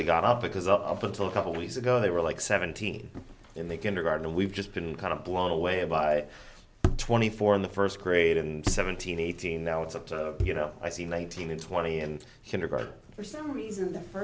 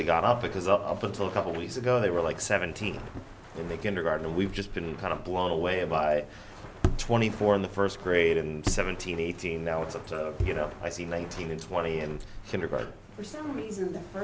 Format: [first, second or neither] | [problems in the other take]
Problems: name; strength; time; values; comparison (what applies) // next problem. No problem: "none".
first | background sound (Walk, footsteps); 16 dB below the speech